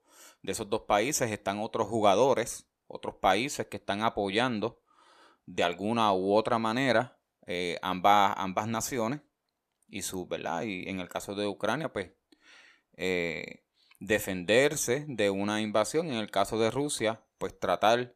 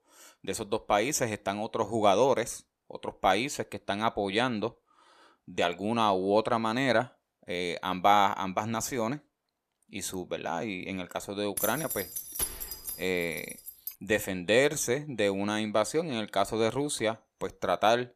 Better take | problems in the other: first | jangling keys; noticeable; from 12 to 14 s; peak 3 dB below the speech

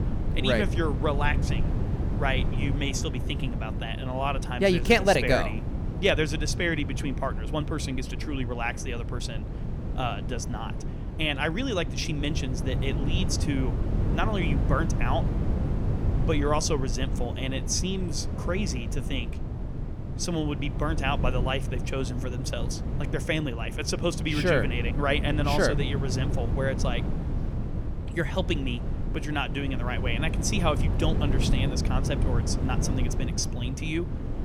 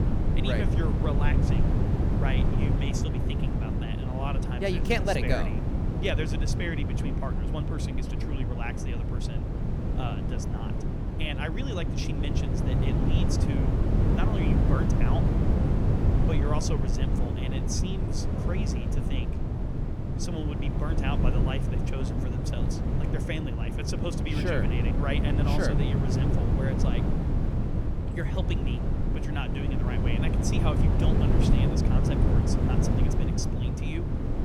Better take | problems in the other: first | wind noise on the microphone; heavy; as loud as the speech; occasional gusts in the first

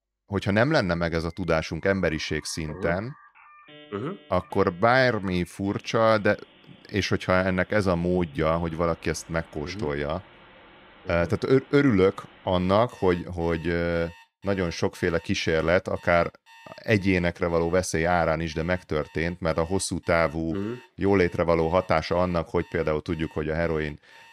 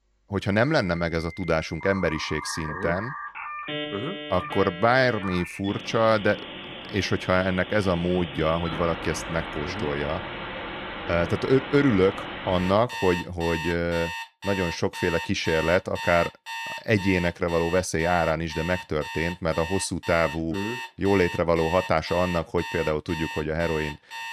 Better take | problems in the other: first | alarms or sirens; loud; throughout; 9 dB below the speech; faint in the first

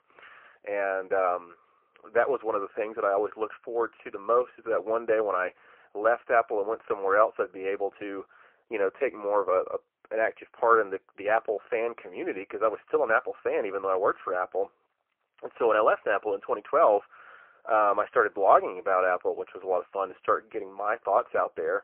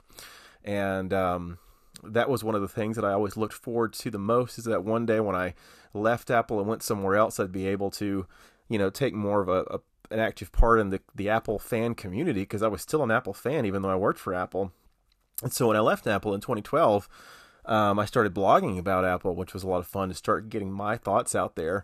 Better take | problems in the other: second | phone-call audio; poor line

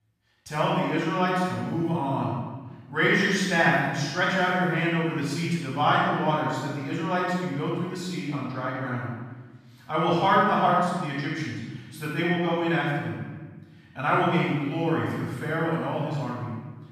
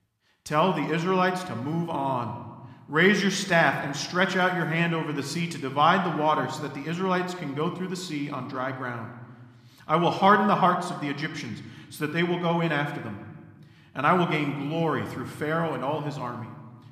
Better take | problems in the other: second | room echo; strong; dies away in 1.2 s; slight in the second // off-mic speech; far

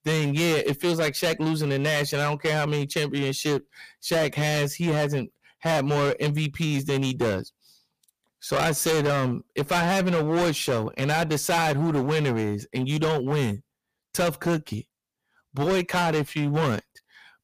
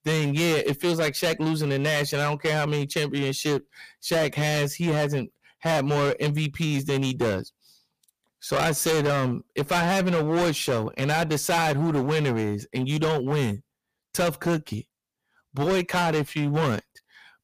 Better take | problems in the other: neither | distortion; heavy; 18% of the sound clipped; the same in both

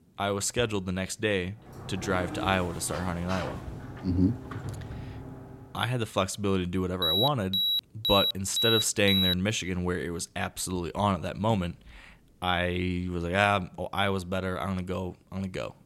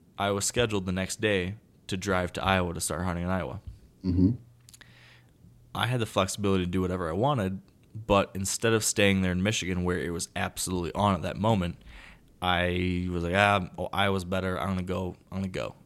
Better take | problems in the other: second | door banging; noticeable; from 1.5 to 6 s; peak 8 dB below the speech // alarm; loud; from 7 to 9.5 s; peak 4 dB above the speech

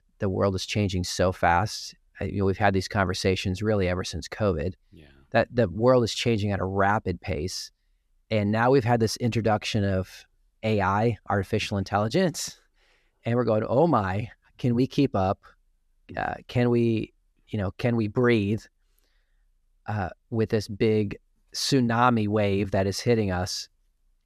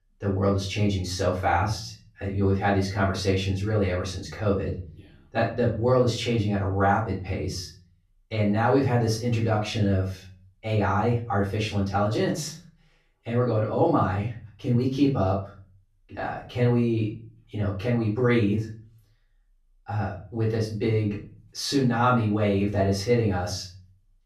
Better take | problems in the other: first | off-mic speech; far // room echo; slight; dies away in 0.4 s

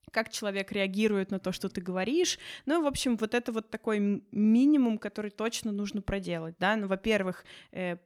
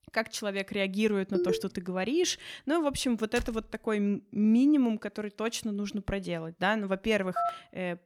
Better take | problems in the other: first | phone ringing; noticeable; at 1.5 s and at 7.5 s; peak 1 dB below the speech // door banging; faint; at 3.5 s; peak 10 dB below the speech

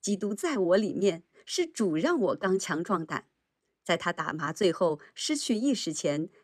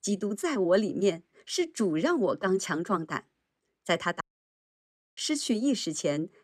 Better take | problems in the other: first | audio cutting out; at 4 s for 1 s

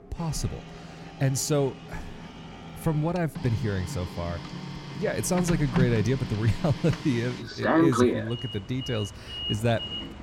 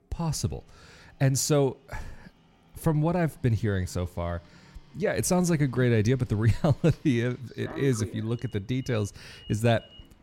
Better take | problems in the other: second | household noises; loud; throughout; 3 dB below the speech; faint in the second

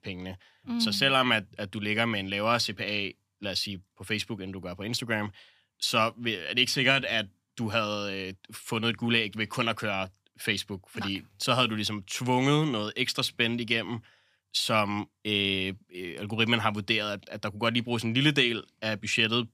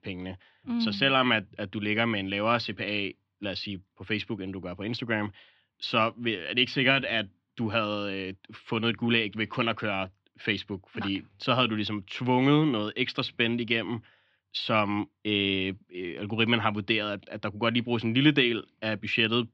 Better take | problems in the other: first | muffled; slightly; fading above 3.5 kHz

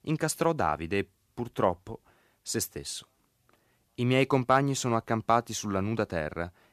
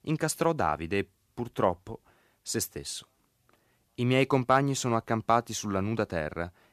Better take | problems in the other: neither | none

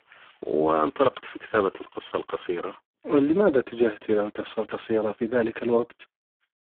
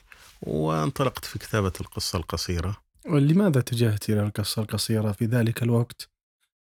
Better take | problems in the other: second | phone-call audio; poor line

